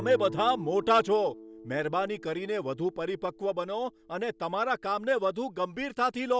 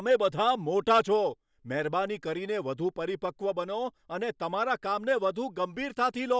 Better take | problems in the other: second | background sound (Guitar); 17 dB below the speech

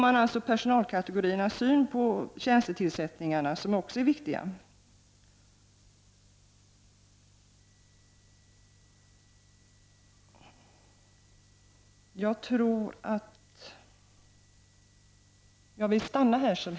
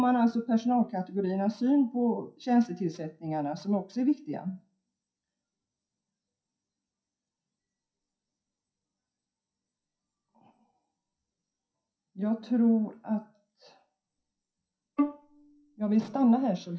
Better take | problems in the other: first | noise reduction (classical method WPE with log-MMSE)

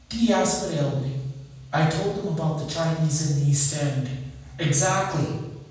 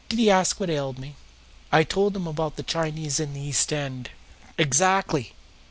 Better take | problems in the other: second | room echo; dies away in 1.2 s

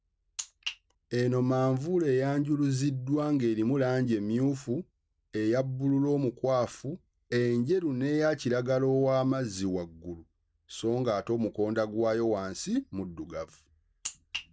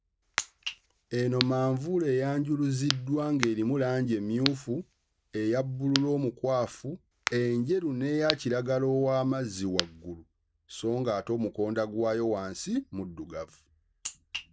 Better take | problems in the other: first | background sound (Crack); 10 dB below the speech

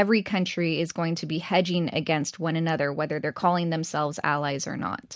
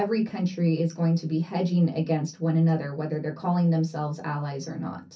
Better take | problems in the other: first | room echo; dies away in 0.3 s

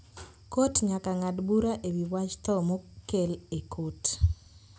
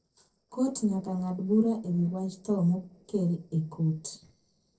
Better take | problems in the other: first | noise reduction (neural separator model SepFormer DNS4)

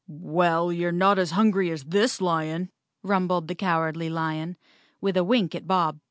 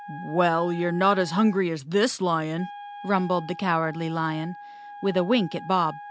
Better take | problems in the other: first | background sound (Wind instrument, woodwind instrument); 16 dB below the speech

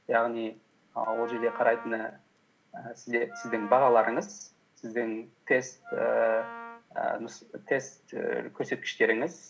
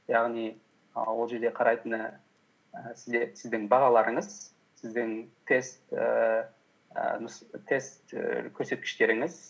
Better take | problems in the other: second | background sound (Wind instrument, woodwind instrument); 13 dB below the speech

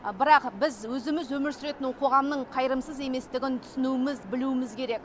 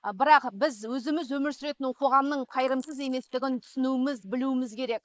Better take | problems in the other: first | noise reduction (neural mask model Resemble Enhance denoiser)

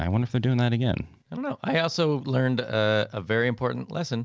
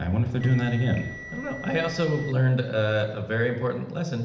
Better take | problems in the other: first | background sound (Bell); 14 dB below the speech // room echo; dies away in 0.8 s

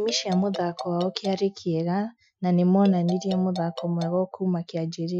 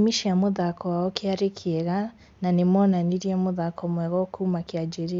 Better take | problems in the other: second | noise reduction (classical method Wiener filter)

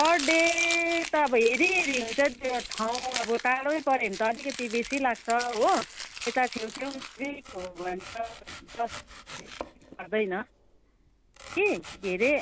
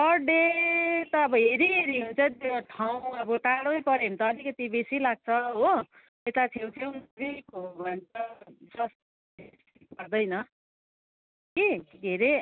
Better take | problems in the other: second | background sound (Domestic sounds, home sounds); 11 dB below the speech

